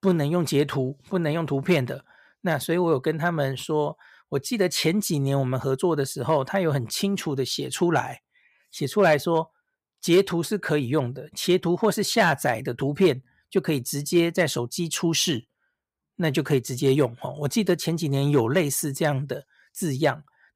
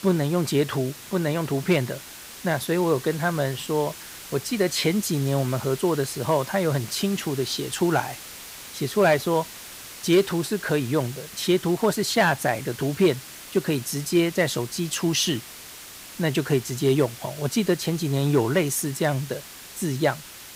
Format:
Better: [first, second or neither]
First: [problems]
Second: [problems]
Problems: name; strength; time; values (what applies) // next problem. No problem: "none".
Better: first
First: none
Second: hiss; noticeable; throughout; 15 dB below the speech